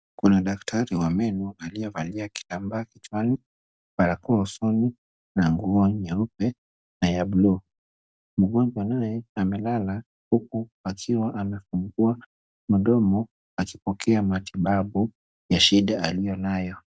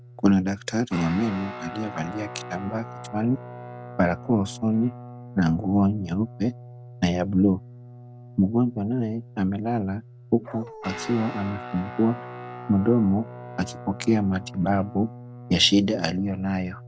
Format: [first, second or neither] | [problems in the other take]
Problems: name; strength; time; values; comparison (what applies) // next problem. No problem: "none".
first | background sound (Guitar + Dog); 14 dB below the speech